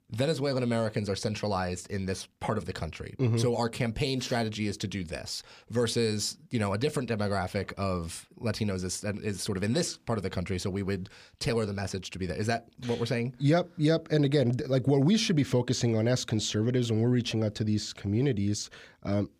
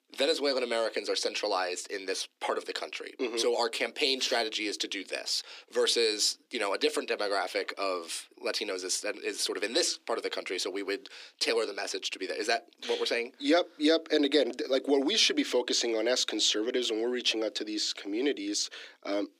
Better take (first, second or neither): first